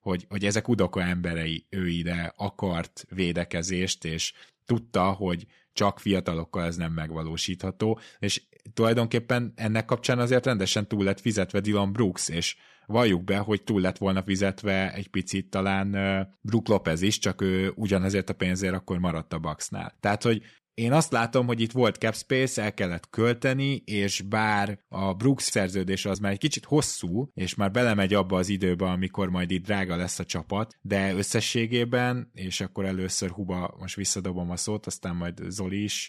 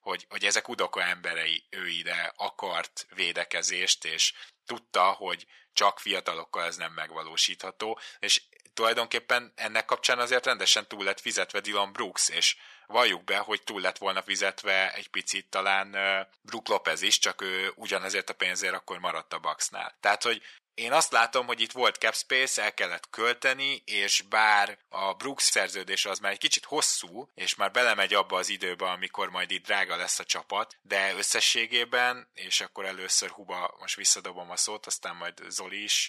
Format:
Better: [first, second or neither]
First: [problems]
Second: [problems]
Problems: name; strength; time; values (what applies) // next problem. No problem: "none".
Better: first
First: none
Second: thin; very; fading below 900 Hz